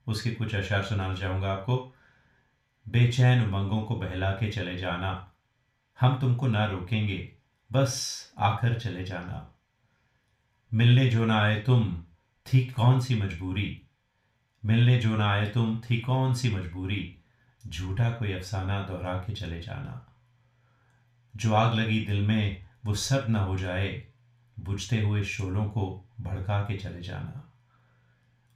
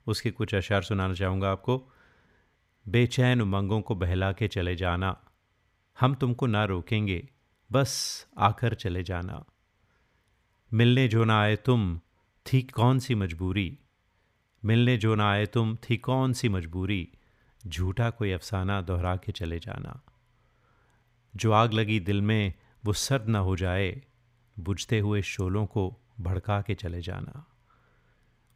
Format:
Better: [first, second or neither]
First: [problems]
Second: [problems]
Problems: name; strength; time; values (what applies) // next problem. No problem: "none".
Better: second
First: room echo; slight; dies away in 0.3 s // off-mic speech; somewhat distant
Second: none